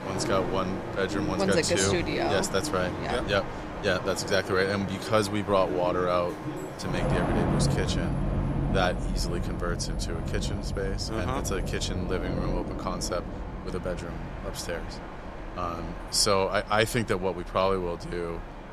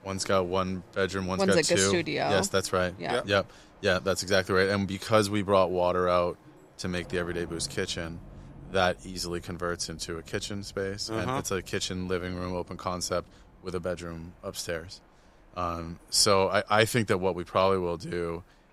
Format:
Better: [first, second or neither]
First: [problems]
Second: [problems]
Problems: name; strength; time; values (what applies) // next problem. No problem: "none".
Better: second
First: train or aircraft noise; loud; throughout; 4 dB below the speech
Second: train or aircraft noise; faint; throughout; 25 dB below the speech